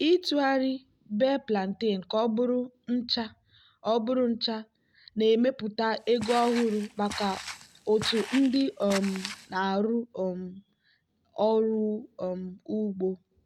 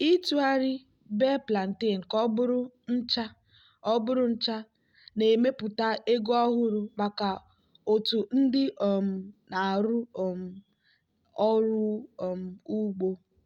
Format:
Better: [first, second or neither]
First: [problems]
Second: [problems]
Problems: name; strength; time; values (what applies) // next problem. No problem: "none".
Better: second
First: background sound (Walk, footsteps); 11 dB below the speech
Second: none